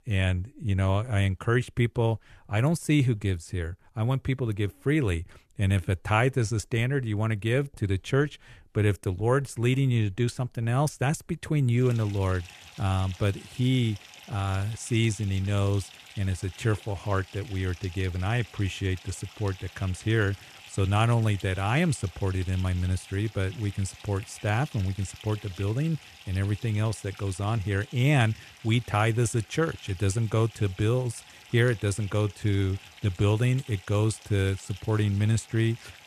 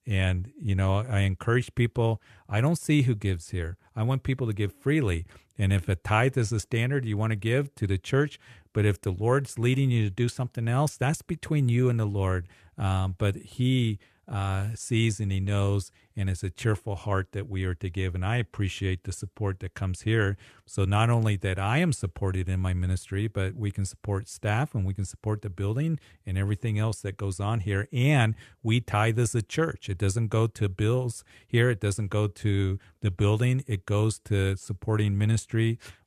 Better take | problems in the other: second | household noises; noticeable; throughout; 20 dB below the speech

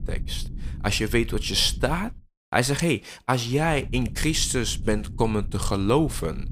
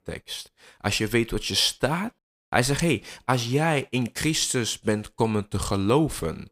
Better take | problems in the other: second | low rumble; faint; until 2 s and from 3.5 s on; 25 dB below the speech

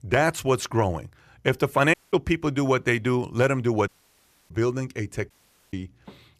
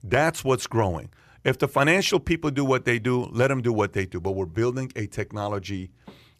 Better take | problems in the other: second | audio cutting out; at 2 s, at 4 s for 0.5 s and at 5.5 s

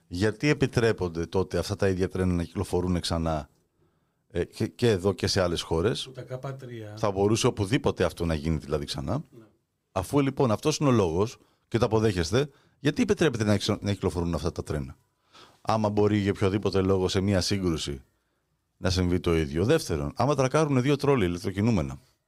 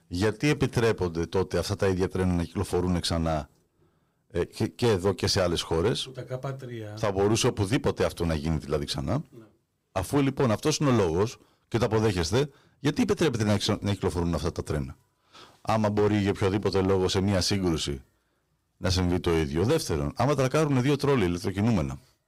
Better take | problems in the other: first | distortion; slight; 7% of the sound clipped

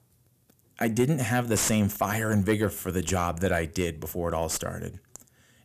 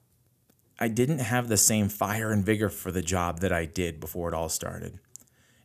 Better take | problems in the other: second | distortion; slight; 9 dB below the speech

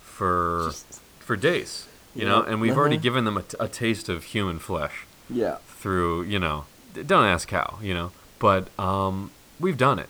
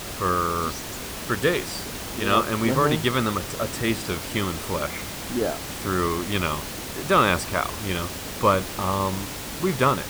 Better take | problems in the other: first | hiss; loud; throughout; 7 dB below the speech; faint in the first

